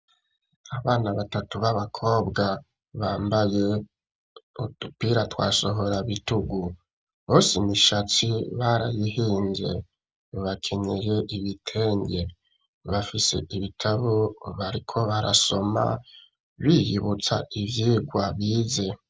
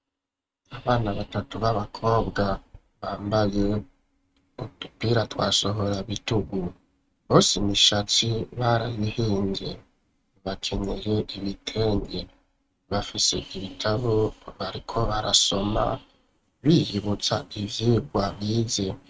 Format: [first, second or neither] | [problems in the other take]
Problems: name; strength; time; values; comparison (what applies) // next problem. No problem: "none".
first | noise reduction (neural mask model RNNoise)